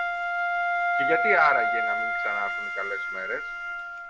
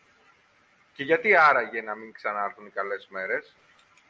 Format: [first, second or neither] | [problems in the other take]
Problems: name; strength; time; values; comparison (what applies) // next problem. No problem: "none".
second | background sound (Wind instrument, woodwind instrument); 4 dB above the speech